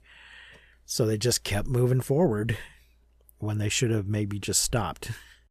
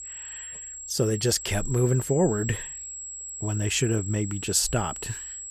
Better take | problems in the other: first | high-pitched whine; loud; throughout; 7.5 kHz, 9 dB below the speech

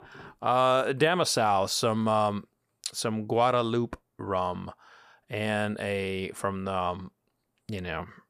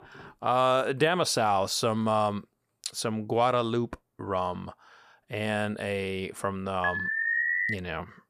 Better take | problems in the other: first | alarm; loud; at 7 s; peak 3 dB above the speech

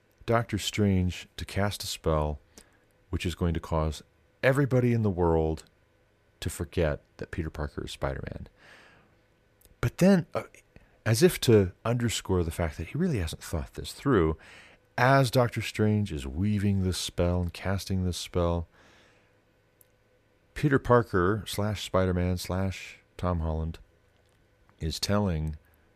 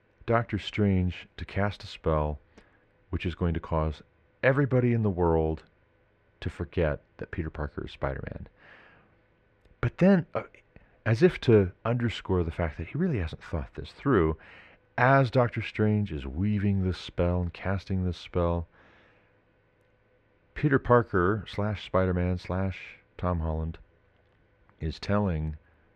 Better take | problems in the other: first | muffled; slightly; fading above 2.5 kHz

